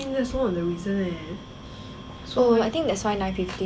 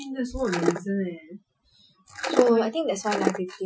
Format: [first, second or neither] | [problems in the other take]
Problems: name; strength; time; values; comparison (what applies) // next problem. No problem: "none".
first | noise reduction (classical method Wiener filter)